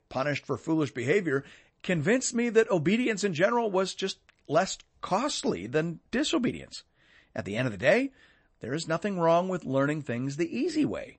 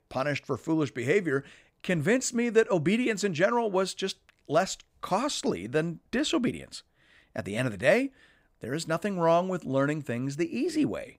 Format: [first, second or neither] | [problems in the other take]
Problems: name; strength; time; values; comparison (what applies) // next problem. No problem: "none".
second | garbled, watery; slightly; nothing above 8 kHz